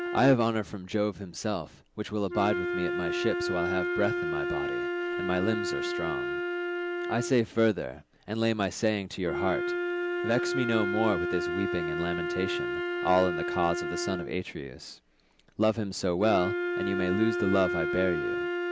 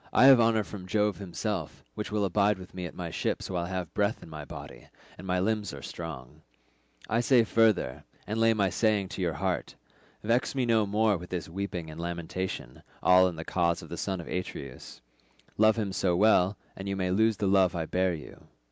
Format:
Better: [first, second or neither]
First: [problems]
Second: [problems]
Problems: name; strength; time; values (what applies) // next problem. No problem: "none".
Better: second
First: background sound (Wind instrument, woodwind instrument); 2 dB below the speech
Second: none